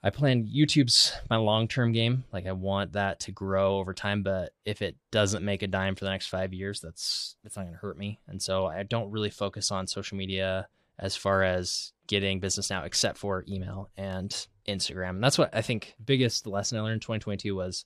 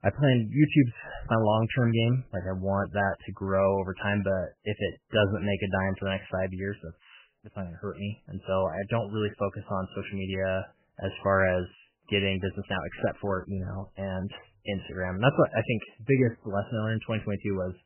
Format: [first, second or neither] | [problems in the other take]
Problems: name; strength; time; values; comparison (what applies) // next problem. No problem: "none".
first | garbled, watery; badly; nothing above 3 kHz